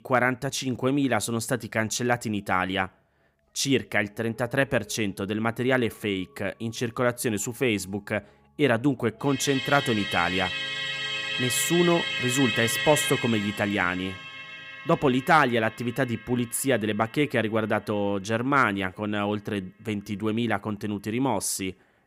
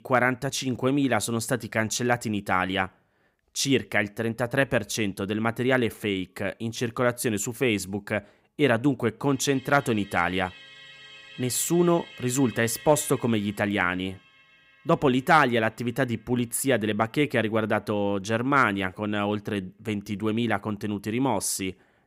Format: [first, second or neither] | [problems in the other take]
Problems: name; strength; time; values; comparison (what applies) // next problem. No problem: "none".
second | background music; loud; throughout; 4 dB below the speech; faint in the second